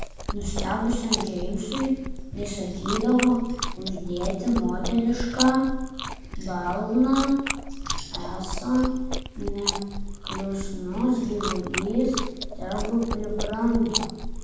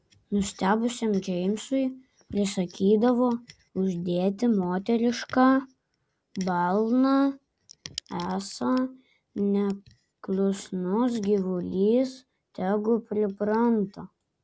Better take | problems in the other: second | background sound (Chewing, mastication); 5 dB below the speech // room echo; dies away in 1.2 s

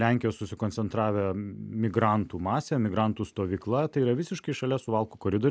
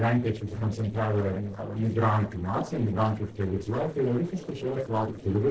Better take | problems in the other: first | noise reduction (neural separator model SepFormer DNS4)

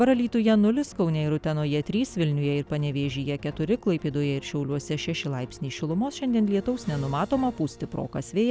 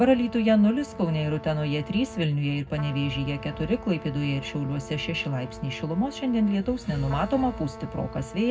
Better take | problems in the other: first | background sound (Trumpet); 16 dB below the speech // room echo; dies away in 0.3 s

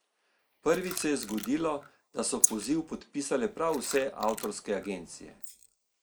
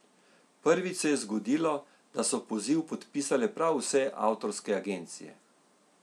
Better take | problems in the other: second | noise reduction (neural mask model Resemble Enhance denoiser)

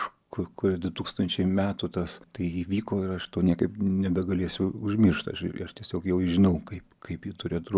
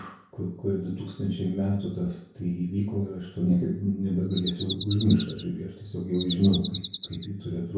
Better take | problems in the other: first | background sound (Bird vocalization, bird call, bird song); 8 dB below the speech // room echo; dies away in 0.5 s

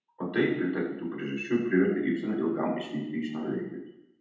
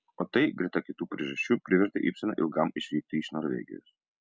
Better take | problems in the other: second | room echo; dies away in 0.8 s

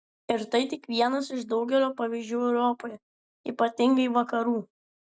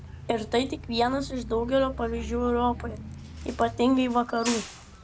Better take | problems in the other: first | background sound (Bus); 11 dB below the speech

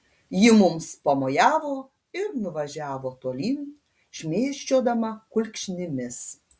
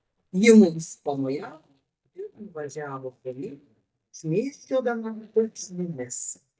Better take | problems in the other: first | noise reduction (neural mask model DeepFilterNet 3)

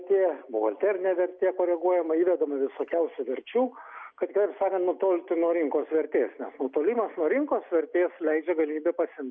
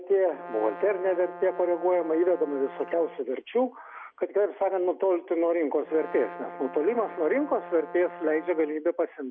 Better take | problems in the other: first | background sound (Brass instrument); 15 dB below the speech

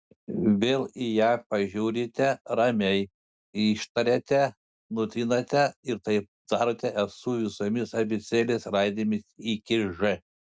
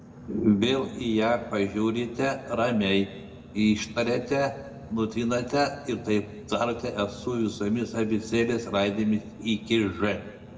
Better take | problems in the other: first | background sound (Boat, Water vehicle); 18 dB below the speech // room echo; dies away in 1.1 s

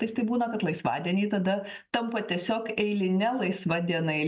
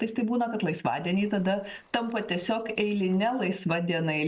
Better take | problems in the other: first | noise reduction (neural separator model SepFormer DNS4)

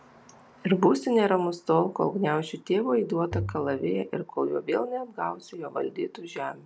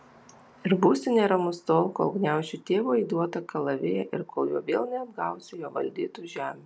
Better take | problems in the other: second | background sound (Bowed string instrument); 10 dB below the speech

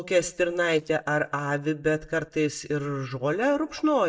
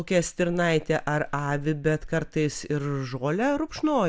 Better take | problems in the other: second | noise reduction (neural mask model DeepFilterNet 3)

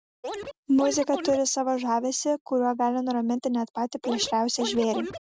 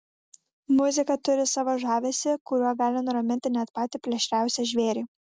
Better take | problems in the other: second | background sound (Scratching (performance technique)); 9 dB below the speech

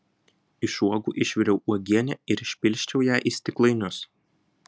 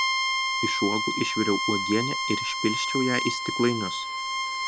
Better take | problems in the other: first | background sound (Bowed string instrument); 1 dB above the speech

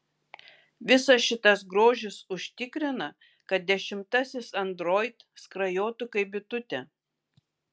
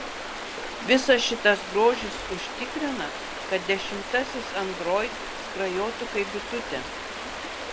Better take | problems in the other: first | background sound (Stream); 7 dB below the speech

